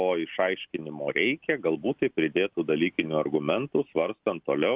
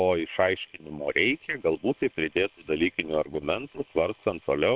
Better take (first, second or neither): first